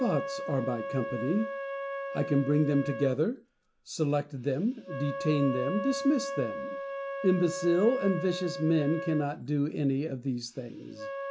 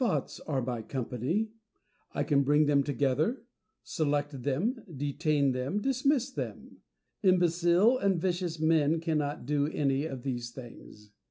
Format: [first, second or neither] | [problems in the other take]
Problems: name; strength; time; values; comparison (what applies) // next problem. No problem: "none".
second | background sound (Wind instrument, woodwind instrument); 8 dB below the speech